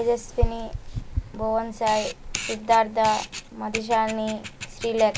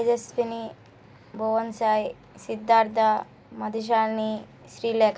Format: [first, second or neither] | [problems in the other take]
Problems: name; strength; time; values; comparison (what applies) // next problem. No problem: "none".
second | background sound (Camera); 7 dB below the speech